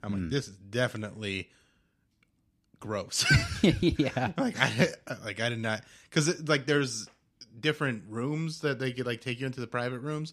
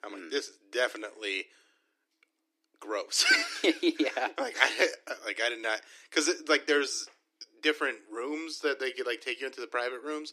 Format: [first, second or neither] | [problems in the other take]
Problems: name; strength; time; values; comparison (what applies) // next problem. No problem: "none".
first | thin; very; fading below 300 Hz